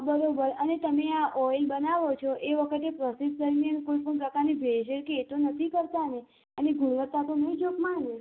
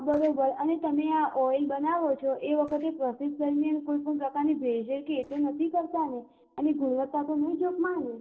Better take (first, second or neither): first